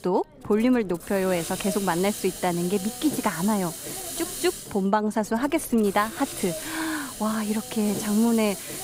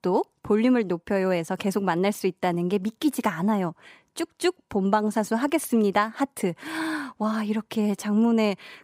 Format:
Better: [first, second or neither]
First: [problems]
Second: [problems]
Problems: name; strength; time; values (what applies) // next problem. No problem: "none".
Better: second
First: hiss; loud; throughout; 8 dB below the speech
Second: none